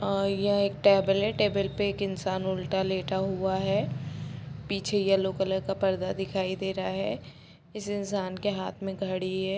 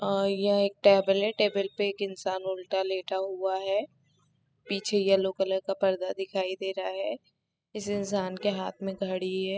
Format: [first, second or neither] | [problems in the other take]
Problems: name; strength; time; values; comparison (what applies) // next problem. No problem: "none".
first | noise reduction (classical method spectral subtraction)